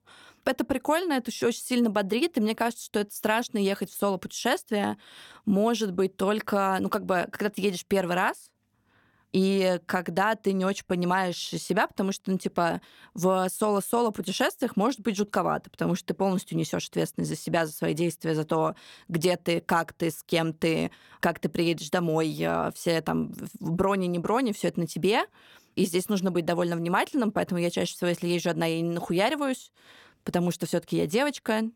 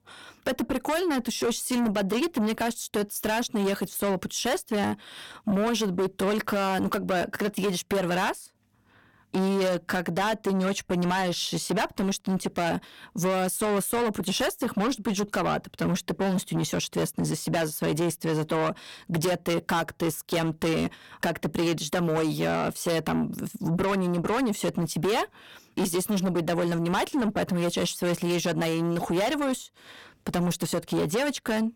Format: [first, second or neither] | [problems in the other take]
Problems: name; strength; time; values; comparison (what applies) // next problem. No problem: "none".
first | distortion; heavy; 7 dB below the speech